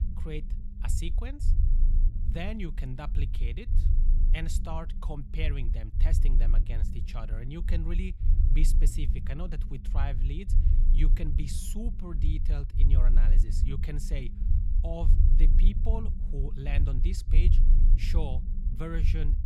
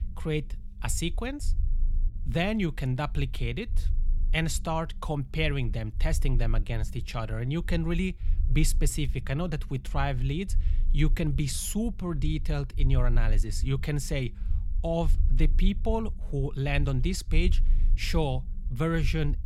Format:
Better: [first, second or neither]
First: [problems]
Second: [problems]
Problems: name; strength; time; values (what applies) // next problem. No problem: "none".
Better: second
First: low rumble; loud; throughout; 6 dB below the speech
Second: low rumble; faint; throughout; 20 dB below the speech